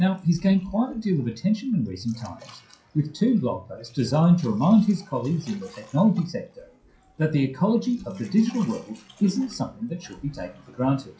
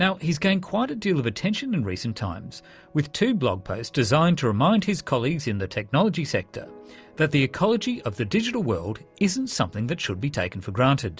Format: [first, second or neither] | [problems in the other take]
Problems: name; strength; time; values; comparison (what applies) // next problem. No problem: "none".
second | noise reduction (classical method WPE with log-MMSE)